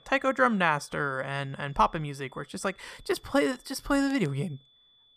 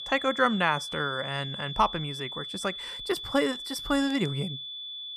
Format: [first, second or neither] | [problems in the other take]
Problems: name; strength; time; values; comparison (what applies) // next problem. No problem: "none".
first | high-pitched whine; loud; throughout; 3.5 kHz, 7 dB below the speech; faint in the first